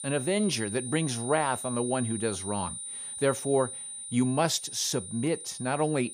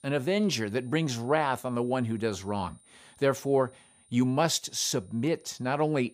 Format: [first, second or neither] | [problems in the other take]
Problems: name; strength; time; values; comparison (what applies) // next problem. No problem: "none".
second | high-pitched whine; loud; throughout; 9.5 kHz, 7 dB below the speech; faint in the second